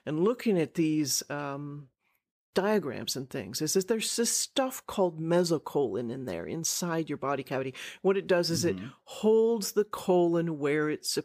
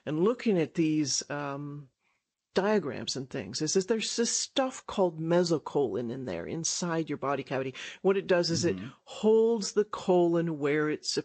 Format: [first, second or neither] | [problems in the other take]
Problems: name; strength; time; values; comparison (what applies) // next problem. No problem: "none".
first | garbled, watery; slightly; nothing above 8 kHz